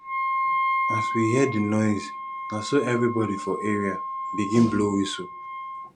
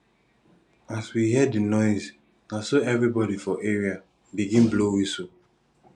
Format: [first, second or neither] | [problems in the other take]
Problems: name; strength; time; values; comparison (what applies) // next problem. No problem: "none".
second | background sound (Wind instrument, woodwind instrument); 4 dB below the speech